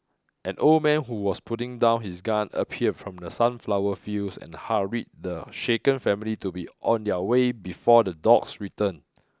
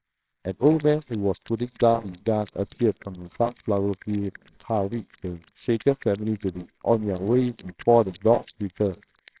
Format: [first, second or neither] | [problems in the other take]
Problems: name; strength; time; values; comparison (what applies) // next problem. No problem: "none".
first | noise reduction (neural separator model SepFormer WHAMR!)